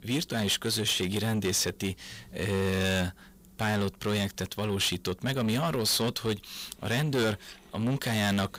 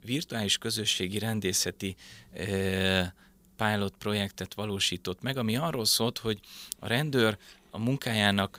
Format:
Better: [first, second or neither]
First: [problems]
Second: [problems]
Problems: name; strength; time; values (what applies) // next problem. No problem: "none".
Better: second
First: distortion; heavy; 8 dB below the speech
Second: none